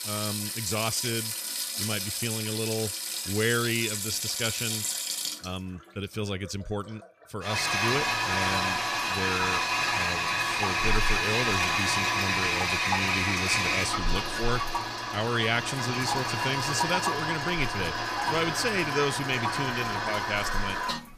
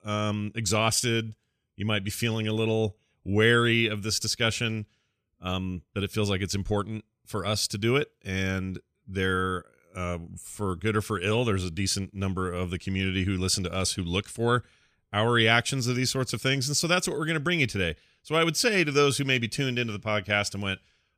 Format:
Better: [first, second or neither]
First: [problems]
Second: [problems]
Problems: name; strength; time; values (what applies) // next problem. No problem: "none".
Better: second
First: household noises; very loud; throughout; 4 dB above the speech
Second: none